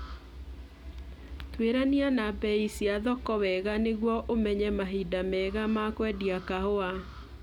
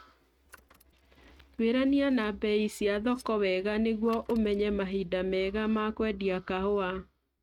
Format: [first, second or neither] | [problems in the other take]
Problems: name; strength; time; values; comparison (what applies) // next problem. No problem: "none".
first | noise reduction (neural mask model RNNoise)